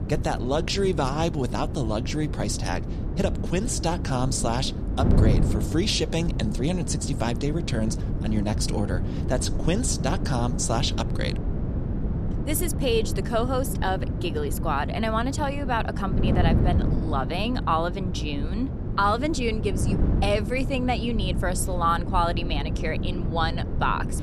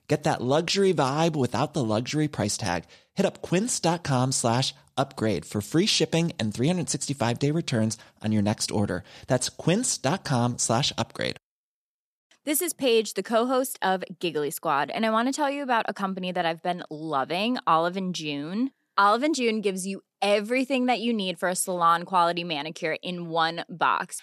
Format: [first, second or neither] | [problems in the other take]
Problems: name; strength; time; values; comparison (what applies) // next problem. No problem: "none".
second | wind noise on the microphone; heavy; 9 dB below the speech